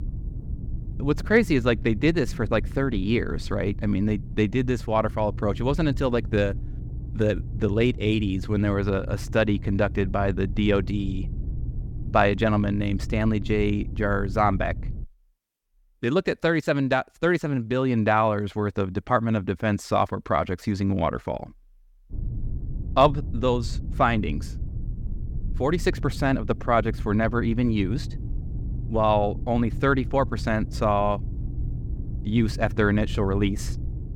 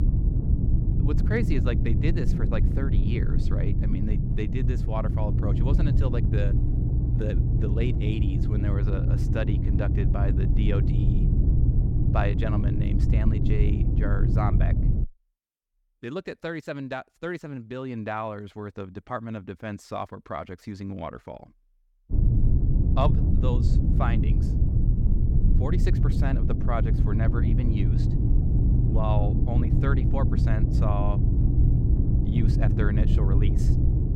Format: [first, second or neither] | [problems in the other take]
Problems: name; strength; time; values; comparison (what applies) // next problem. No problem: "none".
first | low rumble; loud; until 15 s and from 22 s on; 2 dB below the speech; faint in the first